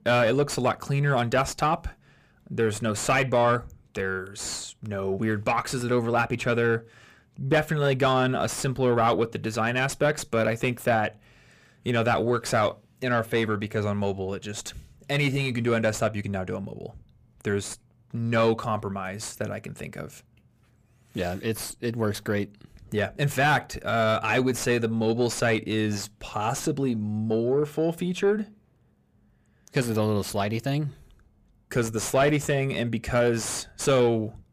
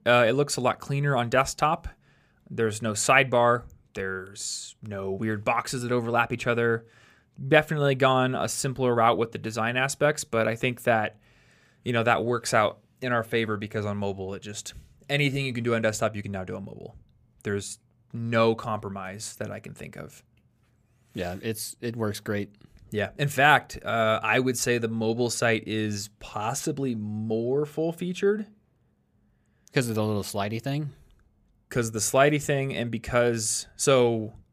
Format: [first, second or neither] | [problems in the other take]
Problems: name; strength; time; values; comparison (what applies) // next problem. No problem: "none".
second | distortion; slight; 9 dB below the speech